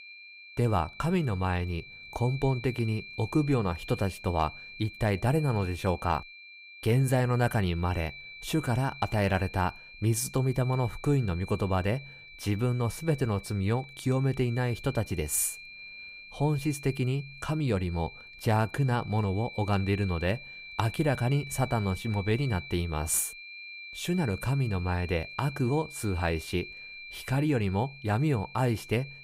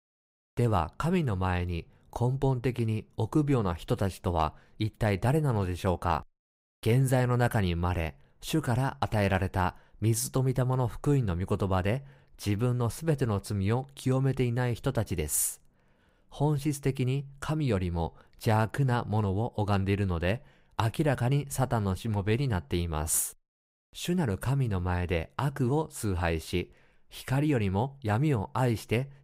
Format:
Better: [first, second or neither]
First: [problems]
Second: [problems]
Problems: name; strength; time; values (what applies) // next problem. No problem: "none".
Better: second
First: high-pitched whine; noticeable; throughout; 2.5 kHz, 15 dB below the speech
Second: none